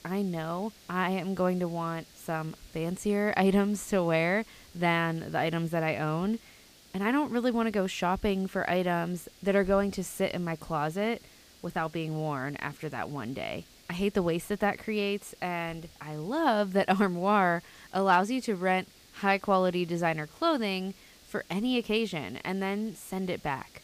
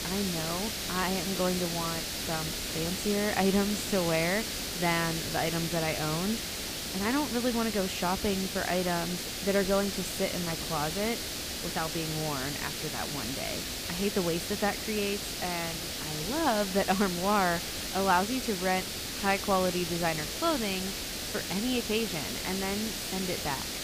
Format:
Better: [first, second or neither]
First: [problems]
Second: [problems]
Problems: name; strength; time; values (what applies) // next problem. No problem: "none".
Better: first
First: hiss; faint; throughout; 25 dB below the speech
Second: hiss; loud; throughout; 2 dB below the speech